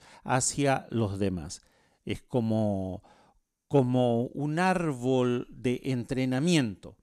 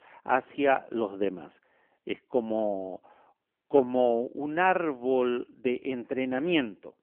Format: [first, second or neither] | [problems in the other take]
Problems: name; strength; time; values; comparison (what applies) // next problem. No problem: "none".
first | phone-call audio; nothing above 3 kHz